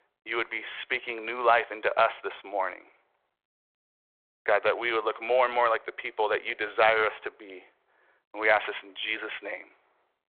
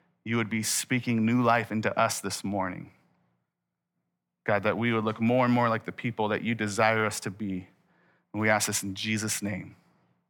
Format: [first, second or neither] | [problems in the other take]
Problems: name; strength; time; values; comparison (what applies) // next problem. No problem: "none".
second | phone-call audio